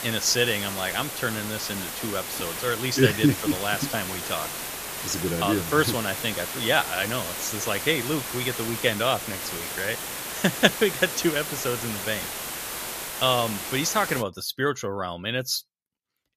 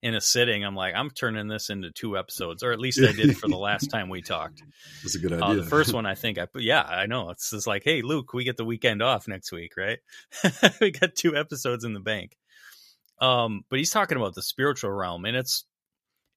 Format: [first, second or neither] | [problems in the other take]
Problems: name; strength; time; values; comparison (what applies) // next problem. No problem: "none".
second | hiss; loud; until 14 s; 5 dB below the speech